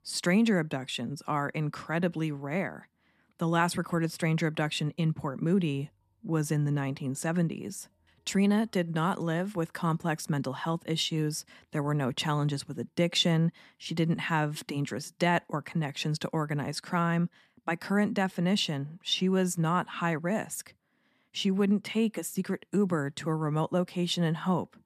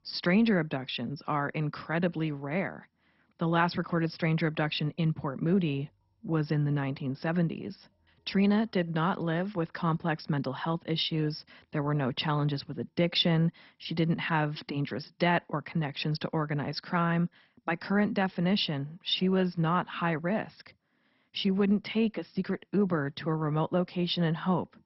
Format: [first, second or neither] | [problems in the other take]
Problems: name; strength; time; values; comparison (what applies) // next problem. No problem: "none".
first | garbled, watery; badly; nothing above 5.5 kHz